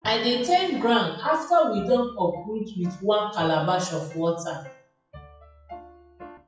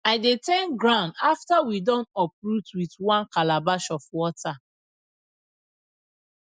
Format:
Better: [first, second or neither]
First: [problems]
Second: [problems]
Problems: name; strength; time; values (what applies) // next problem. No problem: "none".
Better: second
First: noise reduction (classical method WPE with log-MMSE)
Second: none